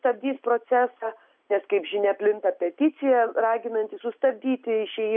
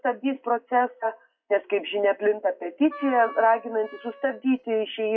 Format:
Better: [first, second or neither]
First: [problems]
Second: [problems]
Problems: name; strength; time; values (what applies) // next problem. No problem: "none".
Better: first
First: none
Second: noise reduction (classical method WPE with log-MMSE)